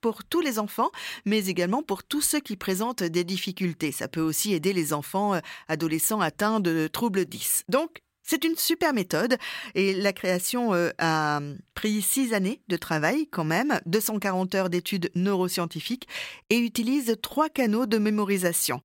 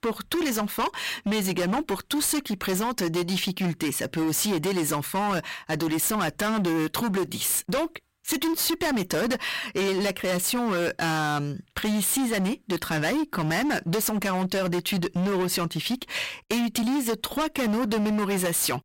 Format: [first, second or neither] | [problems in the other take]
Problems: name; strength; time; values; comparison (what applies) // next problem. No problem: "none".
first | distortion; heavy; 27% of the sound clipped